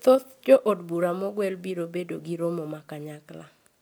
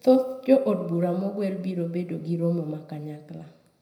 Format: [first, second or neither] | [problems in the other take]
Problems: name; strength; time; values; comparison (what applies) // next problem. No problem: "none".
first | room echo; dies away in 0.8 s